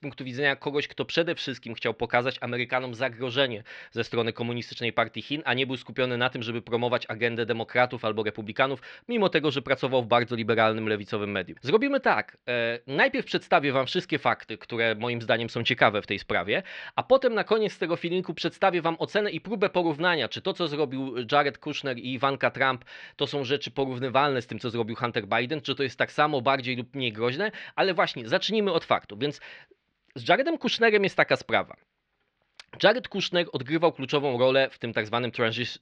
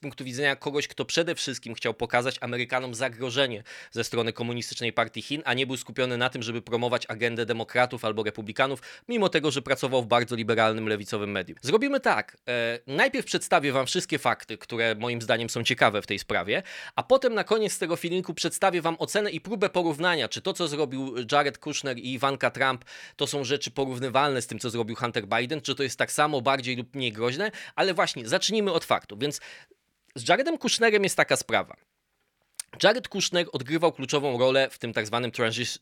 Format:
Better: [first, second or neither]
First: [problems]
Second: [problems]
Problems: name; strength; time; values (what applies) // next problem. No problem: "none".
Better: second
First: muffled; very slightly; fading above 4 kHz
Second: none